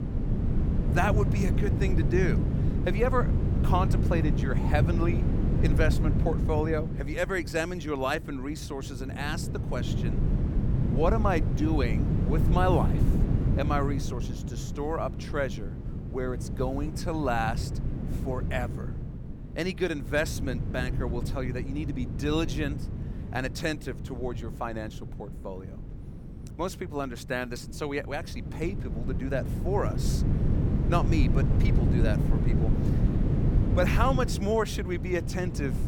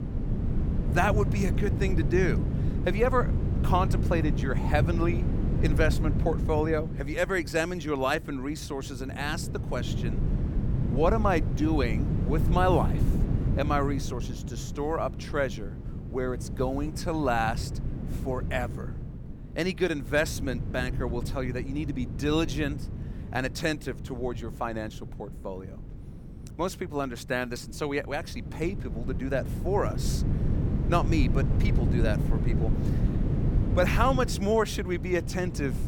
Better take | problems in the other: second | wind noise on the microphone; heavy; 7 dB below the speech; occasional gusts in the second

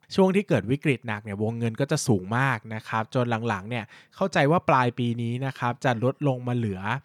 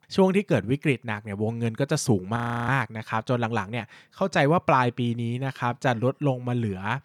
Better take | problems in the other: first | audio freezing; at 2.5 s

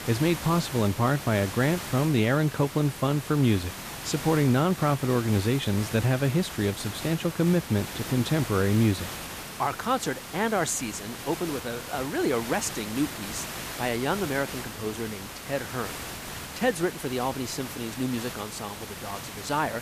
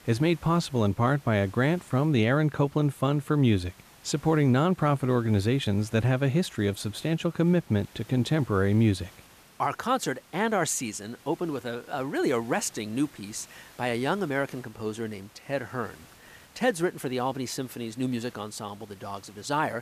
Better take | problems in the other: second | hiss; loud; throughout; 9 dB below the speech; faint in the second

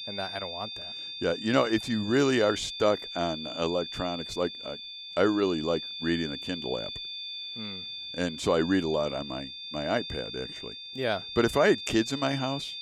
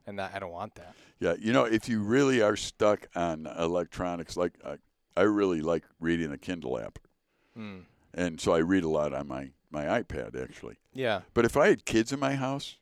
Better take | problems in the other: second | high-pitched whine; loud; throughout; 3.5 kHz, 8 dB below the speech

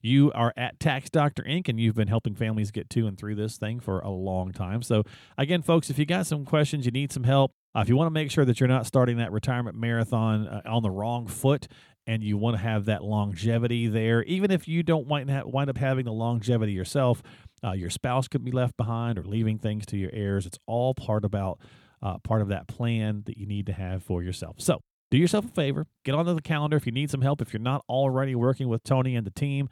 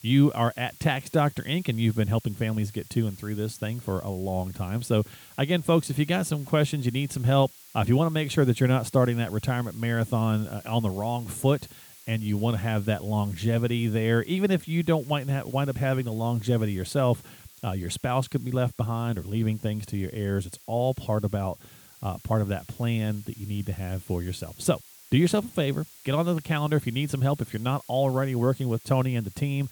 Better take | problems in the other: first | hiss; faint; throughout; 20 dB below the speech

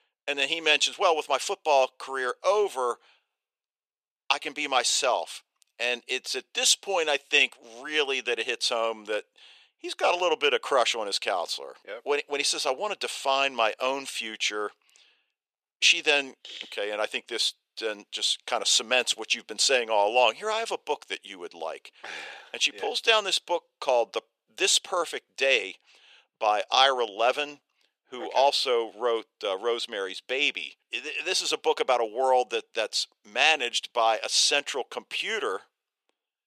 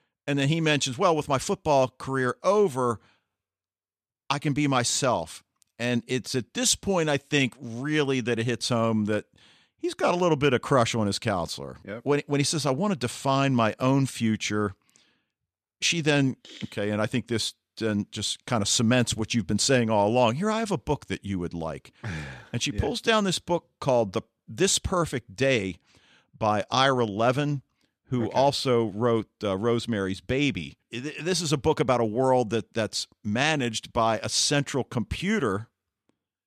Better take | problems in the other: second | thin; very; fading below 450 Hz

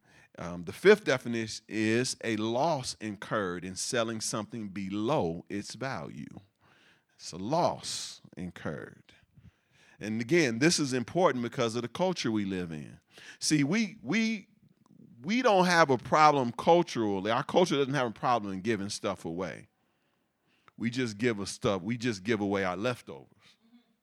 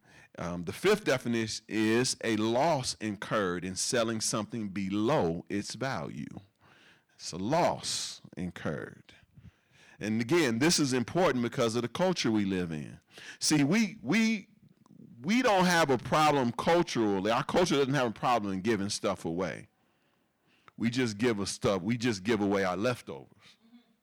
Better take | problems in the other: first | distortion; heavy; 5% of the sound clipped

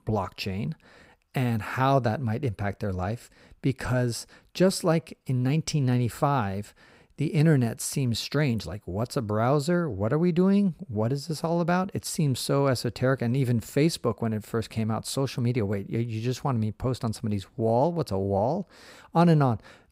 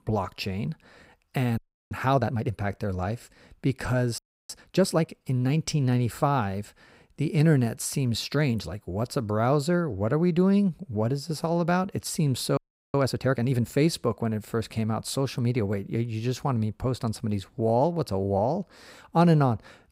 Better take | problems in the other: first | audio freezing; at 1.5 s, at 4 s and at 13 s

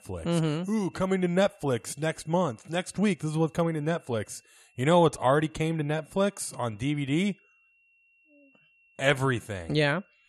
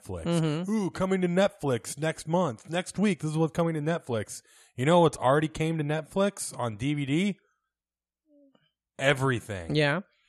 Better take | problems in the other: second | high-pitched whine; faint; throughout; 2.5 kHz, 35 dB below the speech

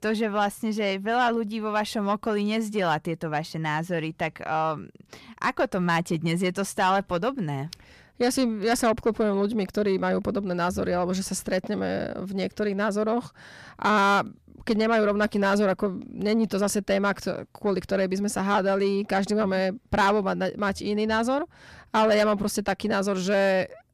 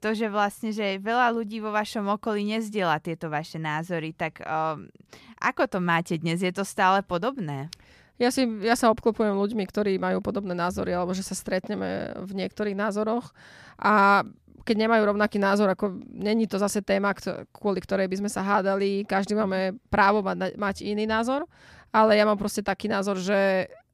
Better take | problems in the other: second | distortion; slight; 10 dB below the speech

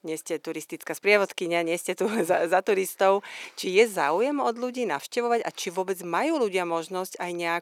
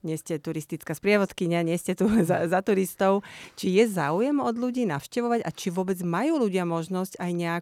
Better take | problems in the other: second | thin; somewhat; fading below 450 Hz

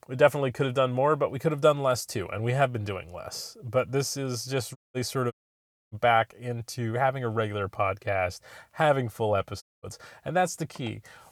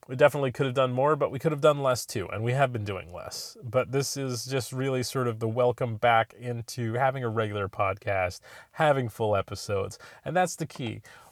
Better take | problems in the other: second | audio cutting out; at 5 s, at 5.5 s for 0.5 s and at 9.5 s

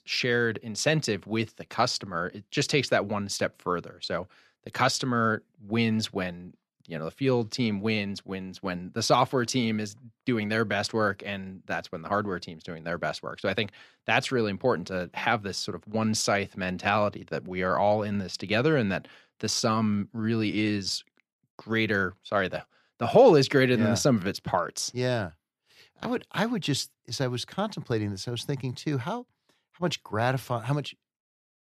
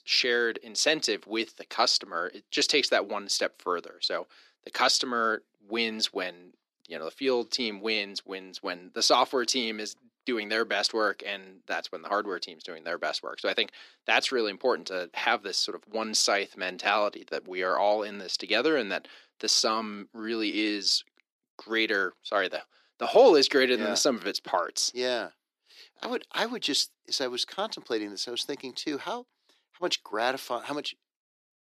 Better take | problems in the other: first | thin; somewhat; fading below 300 Hz

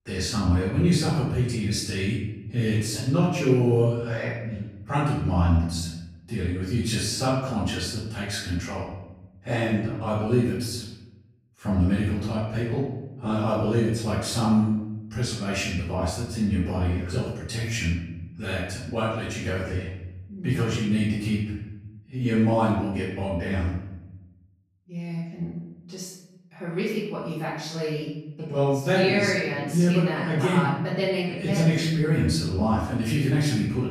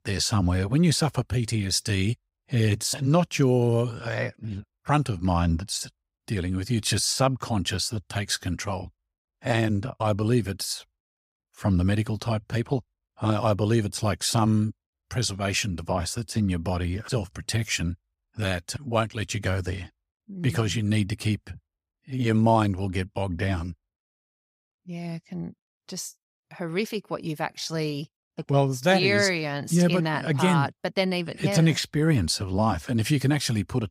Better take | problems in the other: second | off-mic speech; far // room echo; noticeable; dies away in 0.8 s

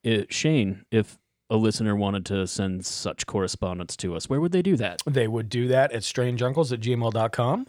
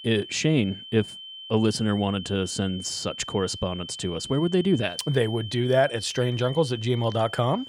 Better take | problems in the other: first | high-pitched whine; noticeable; throughout; 3 kHz, 10 dB below the speech

